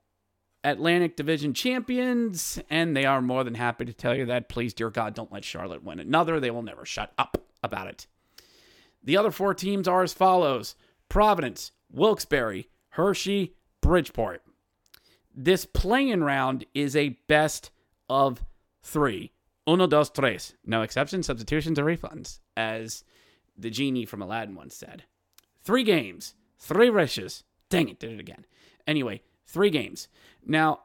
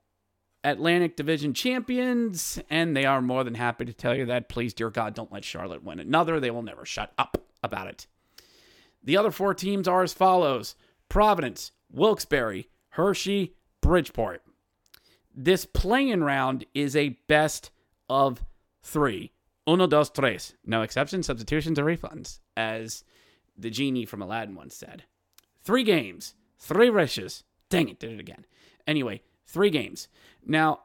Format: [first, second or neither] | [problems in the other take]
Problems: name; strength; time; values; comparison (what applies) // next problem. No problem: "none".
neither | none